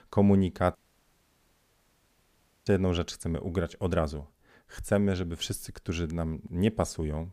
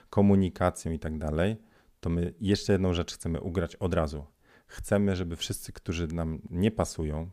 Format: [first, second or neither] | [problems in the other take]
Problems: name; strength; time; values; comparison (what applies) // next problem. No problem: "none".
second | audio cutting out; at 1 s for 2 s